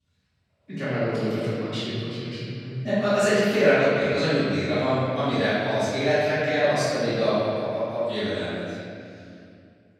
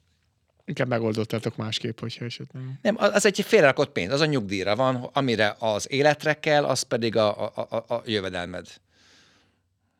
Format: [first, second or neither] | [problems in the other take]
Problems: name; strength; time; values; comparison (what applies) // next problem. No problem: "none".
second | off-mic speech; far // room echo; strong; dies away in 2.5 s